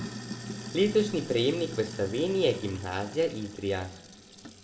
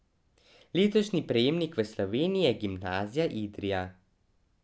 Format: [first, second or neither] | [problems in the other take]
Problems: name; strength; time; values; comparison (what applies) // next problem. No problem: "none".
second | background sound (Sink (filling or washing)); 11 dB below the speech // room echo; dies away in 1.2 s